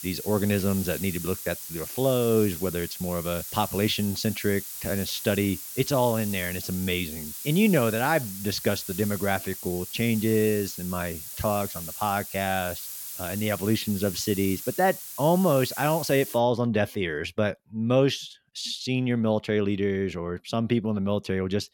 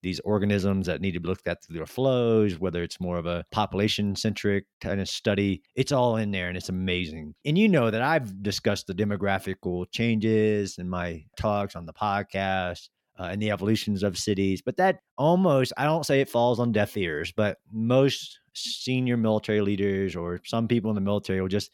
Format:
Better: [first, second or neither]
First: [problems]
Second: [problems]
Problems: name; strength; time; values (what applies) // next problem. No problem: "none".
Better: second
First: hiss; loud; until 16 s; 8 dB below the speech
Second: none